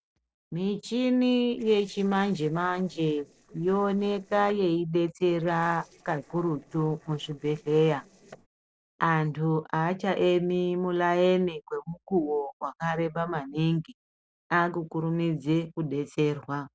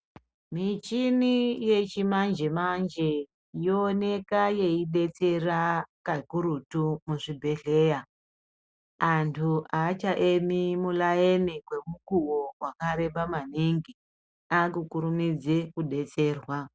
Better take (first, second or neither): second